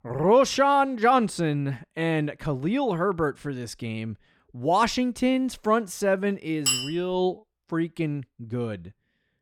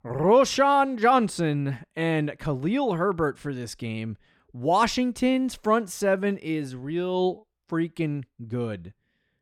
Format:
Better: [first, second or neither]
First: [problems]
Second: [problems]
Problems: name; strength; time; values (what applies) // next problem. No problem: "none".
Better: second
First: clattering dishes; loud; at 6.5 s; peak 1 dB above the speech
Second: none